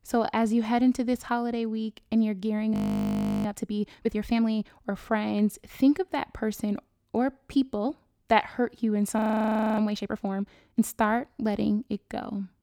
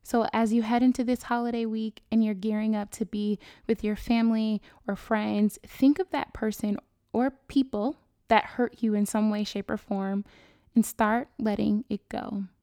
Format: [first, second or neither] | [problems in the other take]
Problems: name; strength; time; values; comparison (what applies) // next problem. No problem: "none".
second | audio freezing; at 2.5 s for 0.5 s and at 9 s for 0.5 s